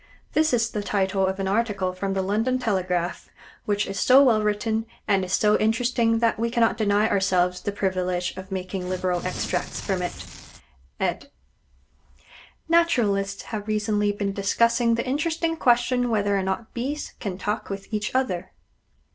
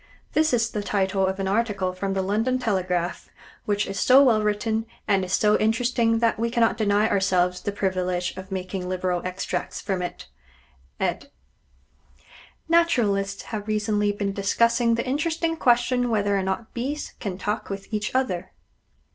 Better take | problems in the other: second | background sound (Tearing); 13 dB below the speech

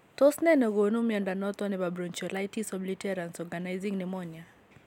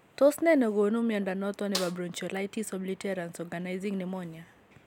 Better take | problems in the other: first | background sound (Snare drum); 12 dB below the speech

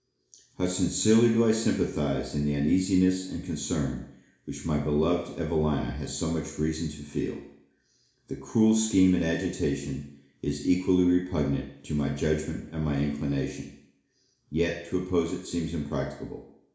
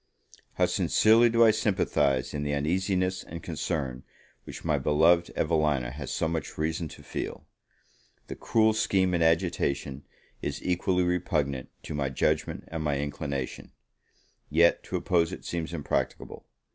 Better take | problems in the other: second | room echo; dies away in 0.7 s

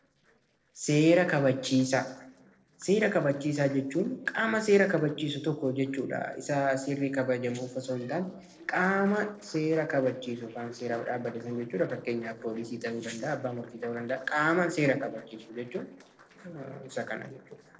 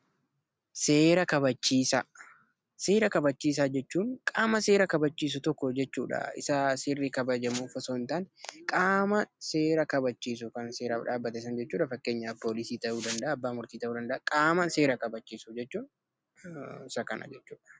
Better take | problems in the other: second | noise reduction (neural separator model SepFormer DNS4)

